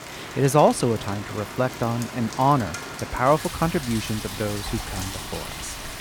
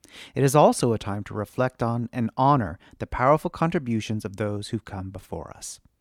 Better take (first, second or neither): second